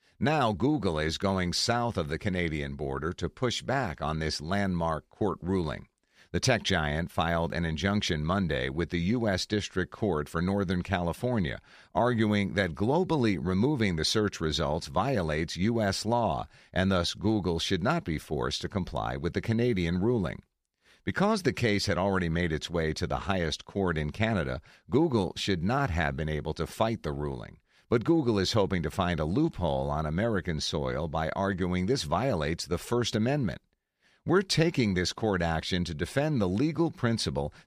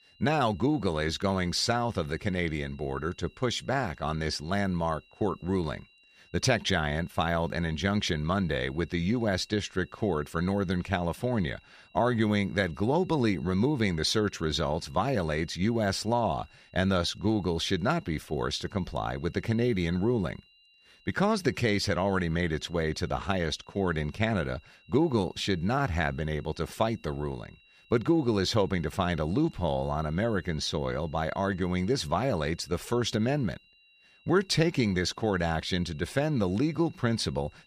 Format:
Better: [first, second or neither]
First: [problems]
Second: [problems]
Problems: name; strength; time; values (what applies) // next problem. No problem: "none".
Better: first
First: none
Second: high-pitched whine; faint; throughout; 3 kHz, 30 dB below the speech